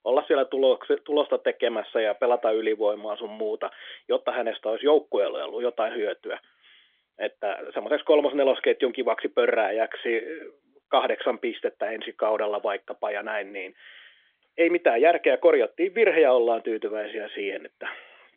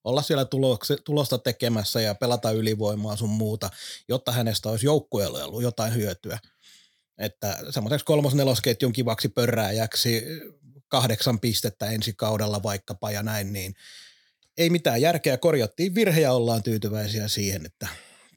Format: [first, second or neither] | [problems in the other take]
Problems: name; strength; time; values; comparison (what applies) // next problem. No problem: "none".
second | phone-call audio; nothing above 3.5 kHz